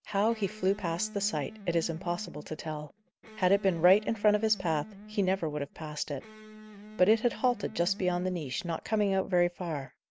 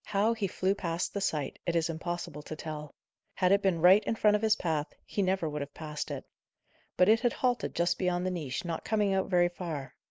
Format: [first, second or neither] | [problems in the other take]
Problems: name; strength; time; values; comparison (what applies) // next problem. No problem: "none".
second | background sound (Electric guitar); 17 dB below the speech